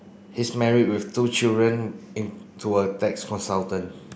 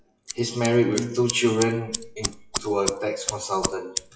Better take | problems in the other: first | noise reduction (classical method WPE with log-MMSE)

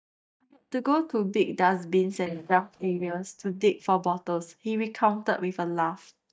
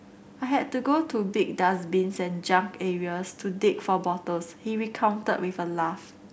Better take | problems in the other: second | noise reduction (neural mask model DeepFilterNet 3)

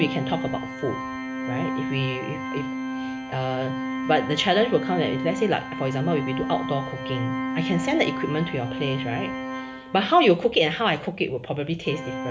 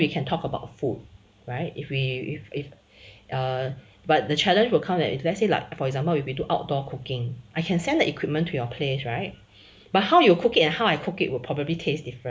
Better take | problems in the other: second | background sound (Organ); 5 dB below the speech

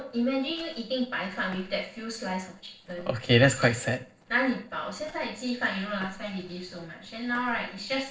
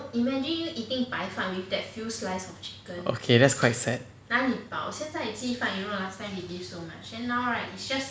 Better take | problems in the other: second | noise reduction (neural separator model SepFormer DNS4)

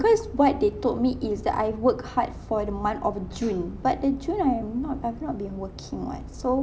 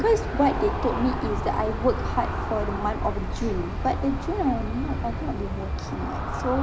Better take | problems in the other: first | background sound (Aircraft); 2 dB below the speech

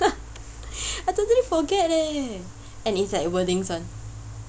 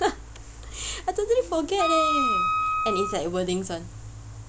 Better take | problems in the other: first | background sound (Wind instrument, woodwind instrument); 1 dB above the speech

